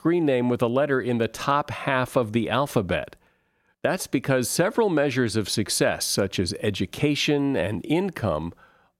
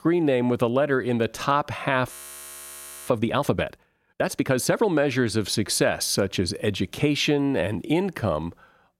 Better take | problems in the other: first | audio freezing; at 2 s for 1 s

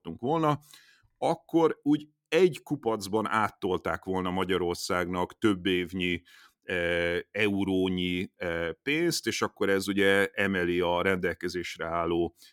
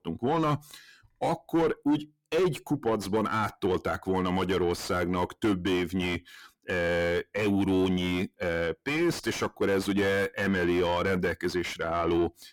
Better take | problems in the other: first | distortion; heavy; 7 dB below the speech

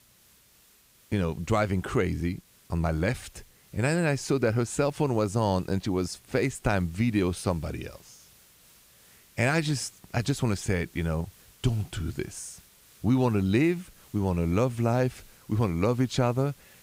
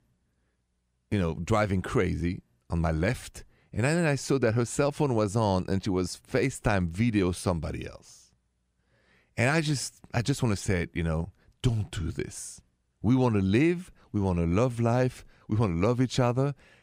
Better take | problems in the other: second | hiss; faint; throughout; 25 dB below the speech

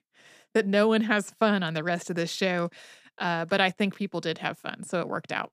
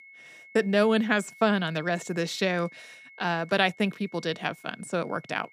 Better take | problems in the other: first | high-pitched whine; faint; throughout; 2 kHz, 20 dB below the speech

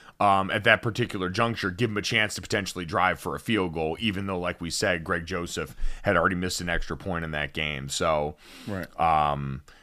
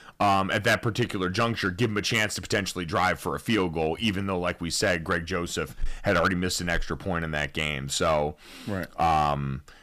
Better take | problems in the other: first | distortion; slight; 4% of the sound clipped

